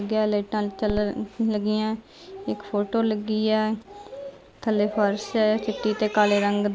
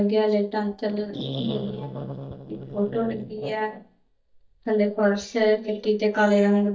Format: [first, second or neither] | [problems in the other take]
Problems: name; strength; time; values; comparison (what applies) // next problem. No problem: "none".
first | noise reduction (neural mask model DeepFilterNet 3)